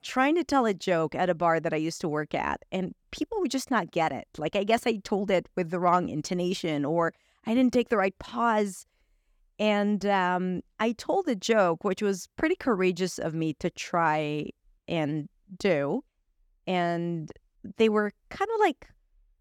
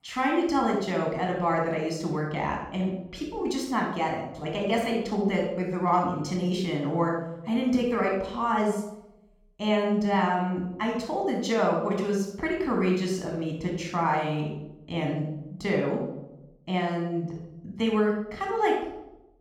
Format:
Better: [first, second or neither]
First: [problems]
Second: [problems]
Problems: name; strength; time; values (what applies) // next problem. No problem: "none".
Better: first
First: none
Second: off-mic speech; somewhat distant // room echo; noticeable; dies away in 0.8 s